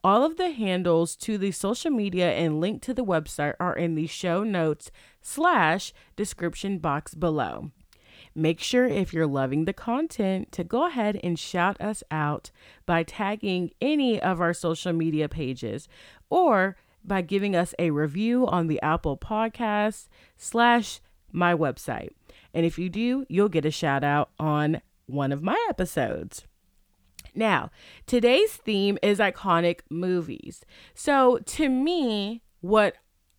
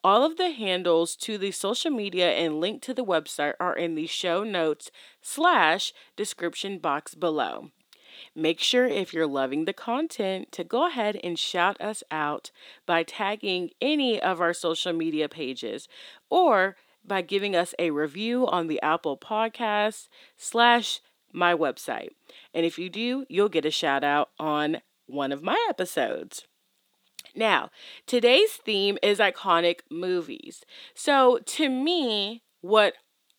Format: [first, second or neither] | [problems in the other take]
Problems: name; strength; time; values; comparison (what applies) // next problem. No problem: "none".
first | thin; very slightly; fading below 300 Hz